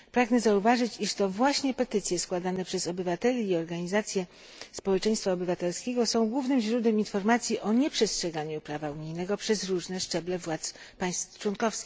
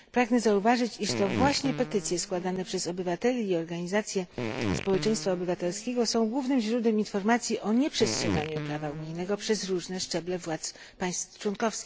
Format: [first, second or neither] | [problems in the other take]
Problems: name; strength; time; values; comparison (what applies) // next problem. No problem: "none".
first | background sound (Fart); 8 dB below the speech